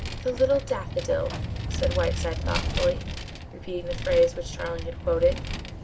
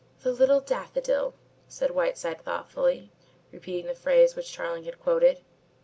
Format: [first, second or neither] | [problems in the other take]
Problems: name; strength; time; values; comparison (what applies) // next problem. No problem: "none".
second | background sound (Vehicle); 4 dB below the speech